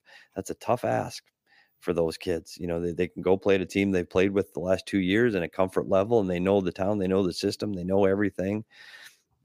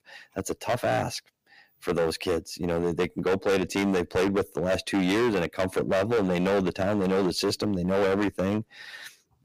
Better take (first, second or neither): first